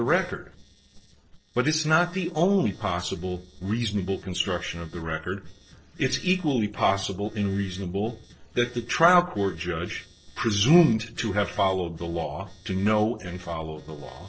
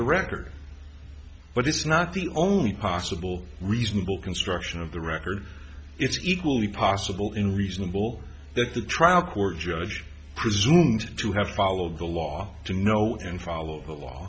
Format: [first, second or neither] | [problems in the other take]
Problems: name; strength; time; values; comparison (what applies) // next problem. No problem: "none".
second | noise reduction (neural separator model SepFormer DNS4)